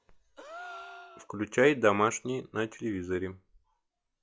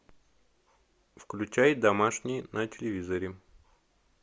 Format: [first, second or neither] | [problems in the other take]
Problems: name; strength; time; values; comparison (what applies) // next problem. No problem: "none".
second | noise reduction (classical method log-MMSE)